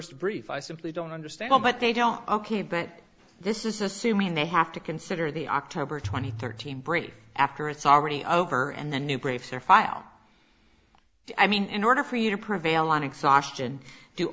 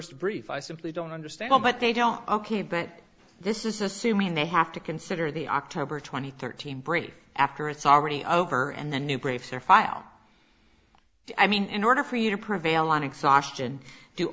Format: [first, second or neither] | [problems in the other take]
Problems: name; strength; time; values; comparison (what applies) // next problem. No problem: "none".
second | background sound (Bowed string instrument); 13 dB below the speech